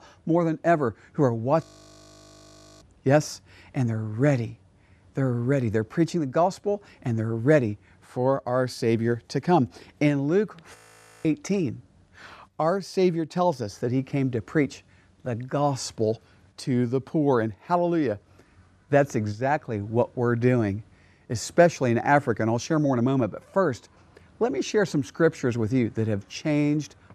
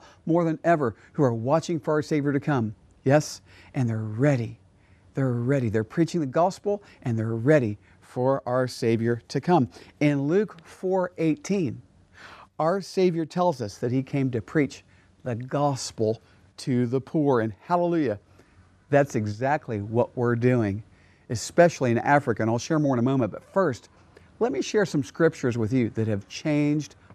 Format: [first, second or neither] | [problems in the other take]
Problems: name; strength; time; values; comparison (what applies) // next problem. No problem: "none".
second | audio freezing; at 1.5 s for 1 s and at 11 s for 0.5 s